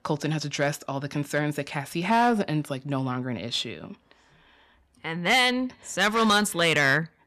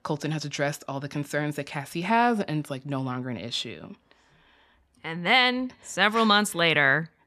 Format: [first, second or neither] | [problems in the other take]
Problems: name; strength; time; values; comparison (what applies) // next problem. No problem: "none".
second | distortion; slight; 3% of the sound clipped